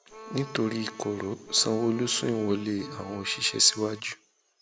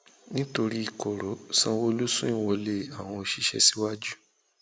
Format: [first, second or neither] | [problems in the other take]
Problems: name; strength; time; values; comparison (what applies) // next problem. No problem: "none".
second | background sound (Bowed string instrument); 17 dB below the speech